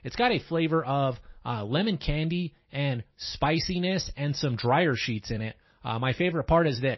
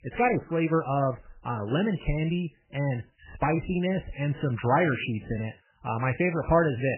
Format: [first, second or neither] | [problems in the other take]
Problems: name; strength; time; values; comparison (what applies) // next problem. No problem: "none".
first | garbled, watery; badly; nothing above 3 kHz; slightly in the first